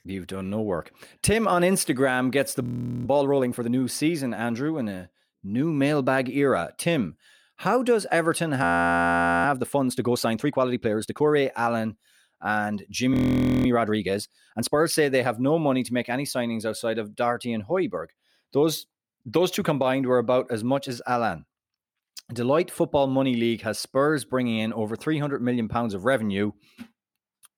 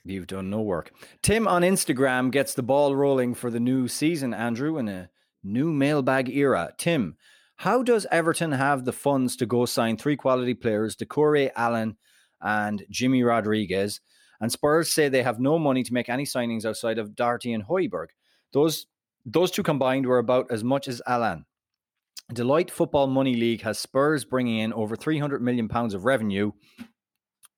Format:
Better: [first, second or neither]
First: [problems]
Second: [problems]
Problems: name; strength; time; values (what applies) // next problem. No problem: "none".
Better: second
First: audio freezing; at 2.5 s, at 8.5 s for 1 s and at 13 s for 0.5 s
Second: none